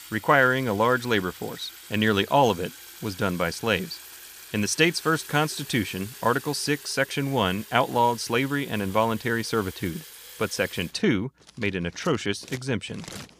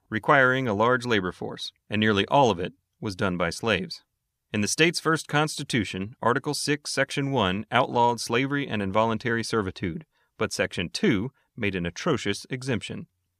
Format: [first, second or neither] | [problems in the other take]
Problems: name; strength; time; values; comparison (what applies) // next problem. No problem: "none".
second | household noises; noticeable; throughout; 15 dB below the speech